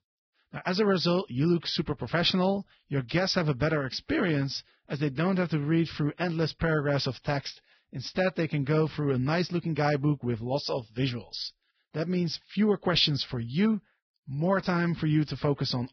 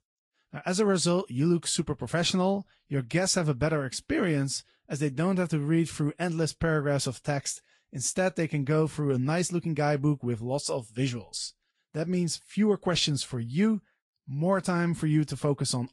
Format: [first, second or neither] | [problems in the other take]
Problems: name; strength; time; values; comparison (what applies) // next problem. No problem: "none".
second | garbled, watery; badly; nothing above 5.5 kHz; slightly in the second